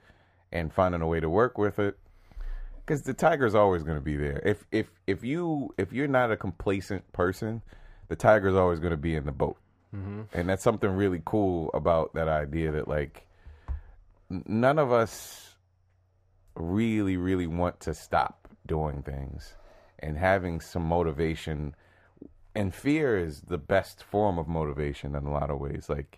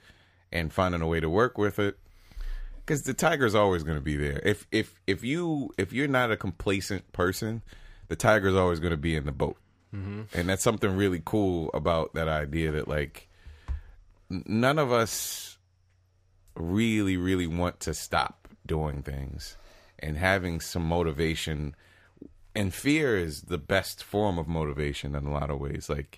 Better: second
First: muffled; slightly; fading above 2 kHz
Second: none

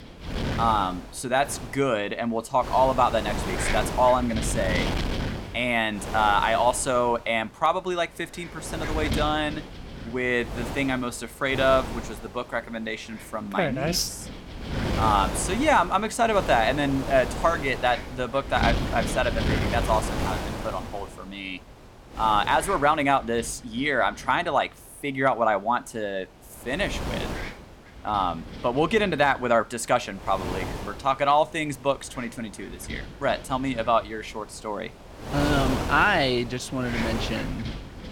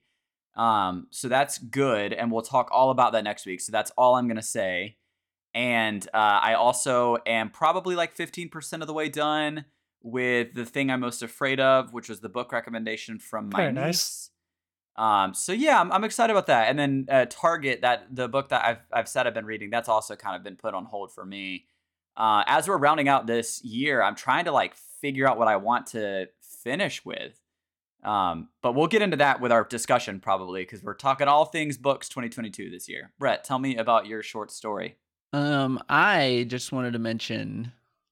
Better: second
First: wind noise on the microphone; occasional gusts; 10 dB below the speech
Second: none

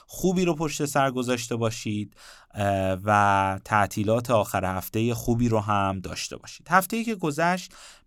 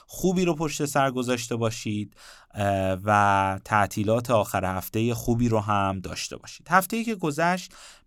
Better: neither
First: none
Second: none

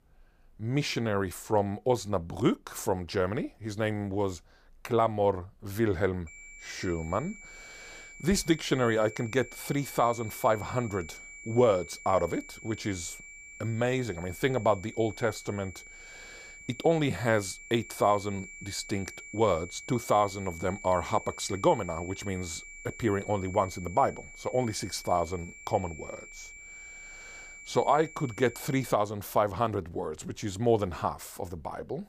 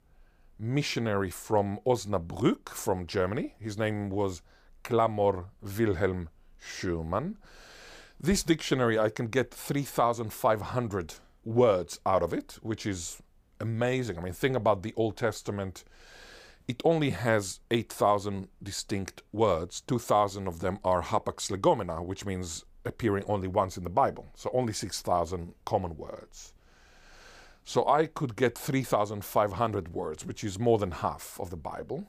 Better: second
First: high-pitched whine; noticeable; from 6.5 to 29 s; 2.5 kHz, 15 dB below the speech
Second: none

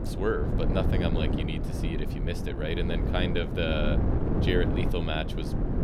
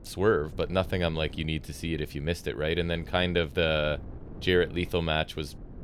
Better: second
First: wind noise on the microphone; heavy; 3 dB below the speech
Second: wind noise on the microphone; occasional gusts; 25 dB below the speech

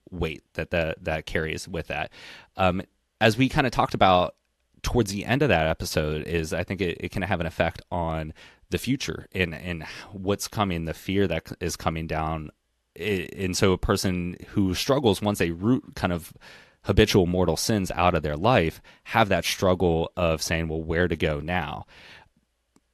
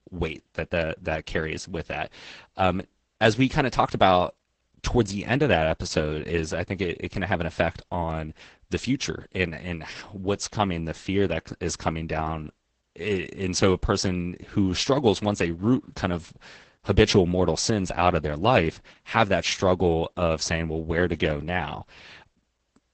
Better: first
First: none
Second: garbled, watery; badly; nothing above 8 kHz

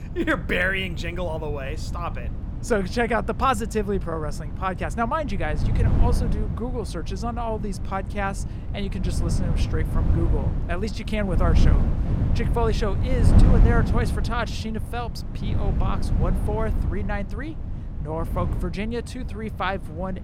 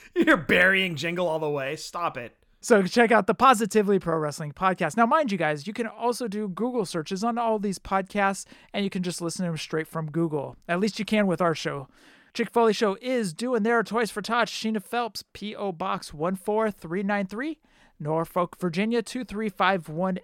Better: second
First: wind noise on the microphone; heavy; 10 dB below the speech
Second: none

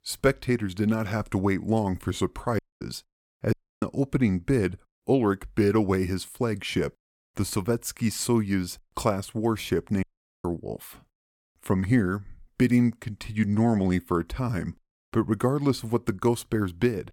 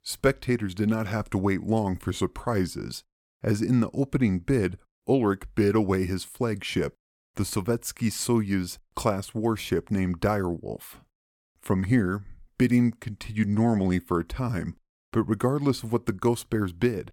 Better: second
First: audio cutting out; at 2.5 s, at 3.5 s and at 10 s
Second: none

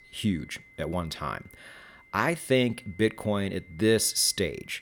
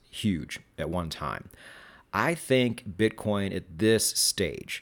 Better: second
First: high-pitched whine; faint; throughout; 2 kHz, 25 dB below the speech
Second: none

